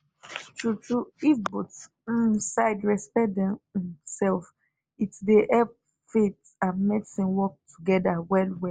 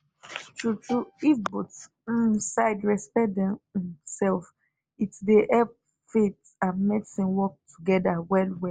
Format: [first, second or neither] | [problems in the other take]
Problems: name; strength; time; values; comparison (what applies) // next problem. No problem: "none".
first | background sound (Bowed string instrument); 19 dB below the speech